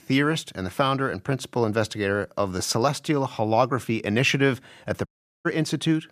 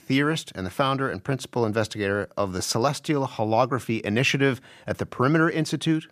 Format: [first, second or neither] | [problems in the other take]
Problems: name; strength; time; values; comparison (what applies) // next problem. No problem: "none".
second | audio cutting out; at 5 s